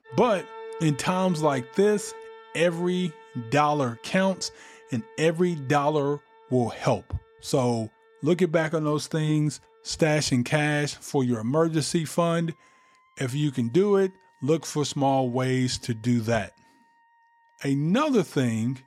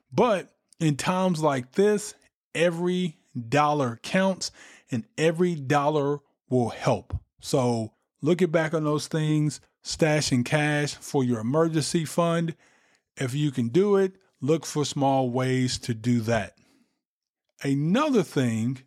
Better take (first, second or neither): second